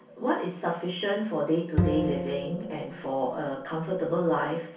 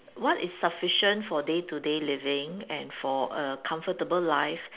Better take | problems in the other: second | background sound (Bowed string instrument); 3 dB below the speech // room echo; dies away in 0.6 s

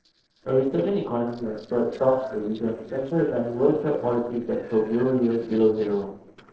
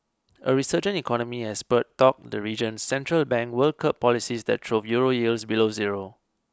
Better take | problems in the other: second | noise reduction (neural separator model SepFormer DNS4)

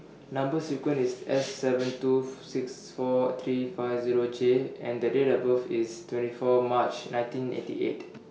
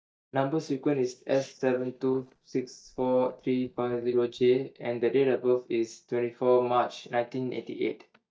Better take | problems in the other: first | noise reduction (neural mask model DeepFilterNet 3)

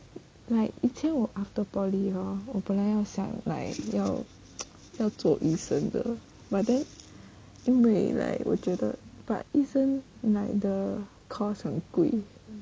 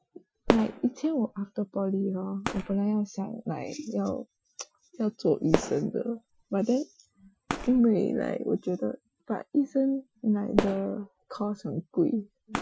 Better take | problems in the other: first | noise reduction (classical method Wiener filter)

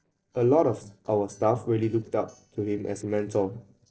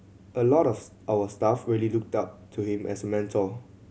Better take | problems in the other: second | noise reduction (neural separator model SepFormer DNS4)

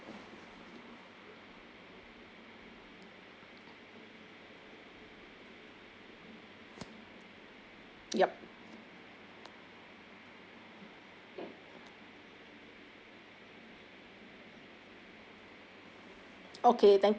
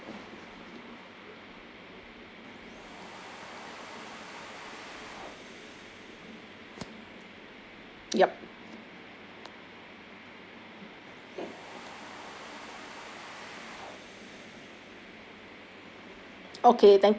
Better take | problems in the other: first | background sound (Domestic sounds, home sounds); 19 dB below the speech

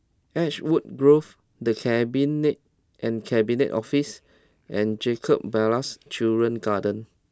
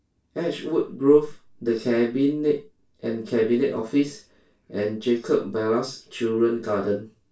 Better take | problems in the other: first | room echo; dies away in 0.2 s

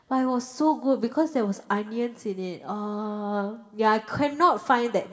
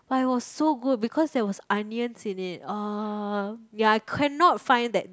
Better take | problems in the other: second | room echo; dies away in 2.3 s

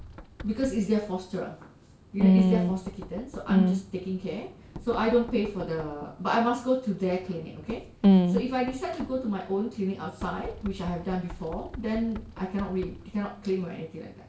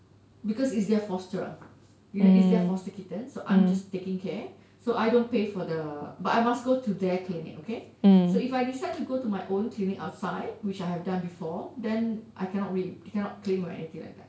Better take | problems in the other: second | background sound (Knock); 17 dB below the speech

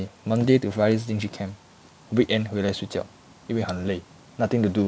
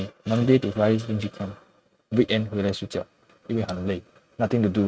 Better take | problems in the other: first | noise reduction (neural mask model RNNoise)

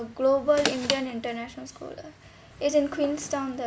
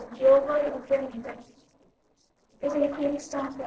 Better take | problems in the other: first | noise reduction (neural separator model SepFormer DNS4)

